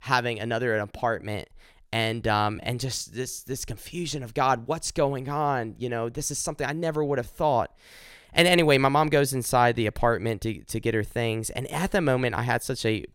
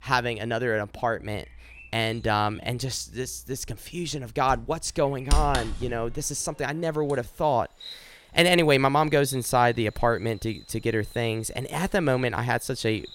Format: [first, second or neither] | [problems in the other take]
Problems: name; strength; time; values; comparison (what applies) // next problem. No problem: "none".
first | animal sounds; noticeable; throughout; 10 dB below the speech